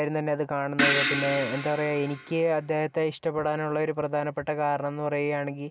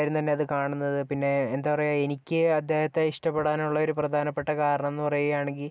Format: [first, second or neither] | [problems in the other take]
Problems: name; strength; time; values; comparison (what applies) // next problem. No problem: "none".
second | background sound (Crash cymbal); 2 dB below the speech